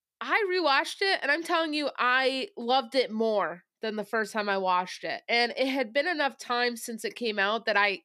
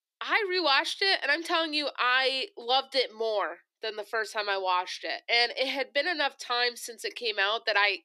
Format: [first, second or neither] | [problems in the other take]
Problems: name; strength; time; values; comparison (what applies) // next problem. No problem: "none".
first | thin; somewhat; fading below 300 Hz